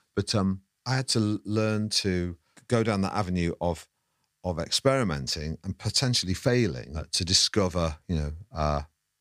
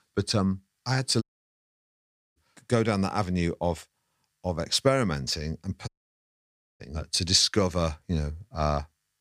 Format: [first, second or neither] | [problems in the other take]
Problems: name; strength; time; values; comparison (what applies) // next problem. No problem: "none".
first | audio cutting out; at 1 s for 1 s and at 6 s for 1 s